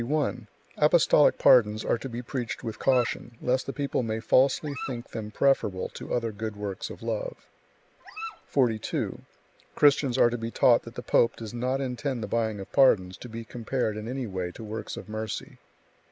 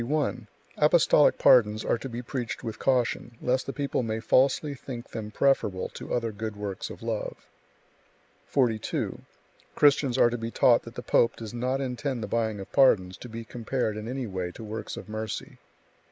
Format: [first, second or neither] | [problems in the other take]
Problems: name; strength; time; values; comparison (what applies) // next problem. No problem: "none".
second | background sound (Dog); 15 dB below the speech